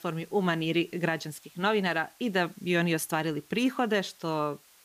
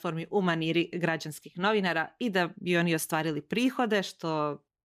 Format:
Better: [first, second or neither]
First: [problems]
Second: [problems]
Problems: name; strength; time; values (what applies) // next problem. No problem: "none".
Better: second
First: hiss; faint; throughout; 25 dB below the speech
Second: none